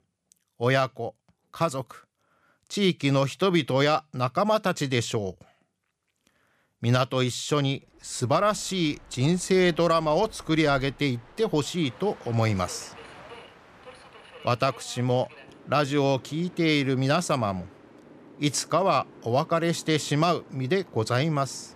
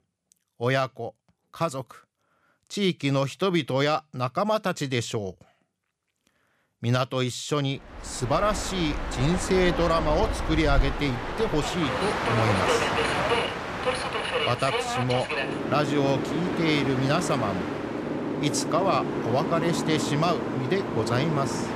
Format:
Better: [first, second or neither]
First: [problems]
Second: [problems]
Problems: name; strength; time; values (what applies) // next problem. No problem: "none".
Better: first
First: train or aircraft noise; faint; from 8 s on; 25 dB below the speech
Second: train or aircraft noise; loud; from 8 s on; 2 dB below the speech